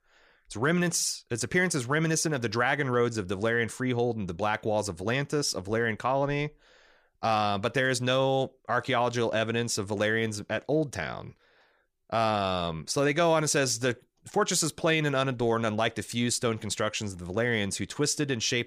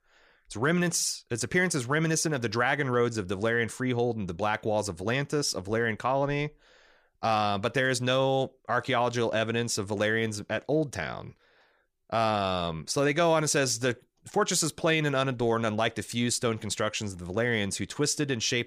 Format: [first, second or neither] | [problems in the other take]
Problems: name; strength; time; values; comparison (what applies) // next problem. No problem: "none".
neither | none